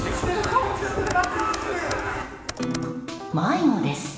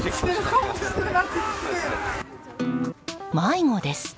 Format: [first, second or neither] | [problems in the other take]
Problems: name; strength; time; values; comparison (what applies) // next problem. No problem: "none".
second | background sound (Computer keyboard); 14 dB below the speech // room echo; dies away in 1.4 s